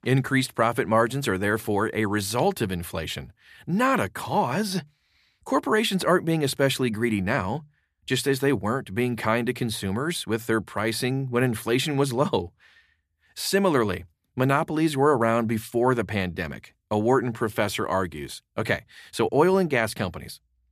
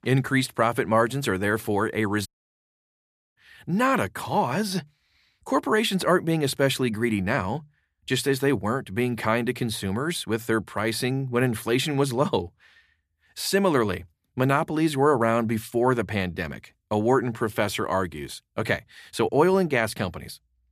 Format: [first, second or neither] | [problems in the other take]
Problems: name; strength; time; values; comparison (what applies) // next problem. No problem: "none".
first | audio cutting out; at 2.5 s for 1 s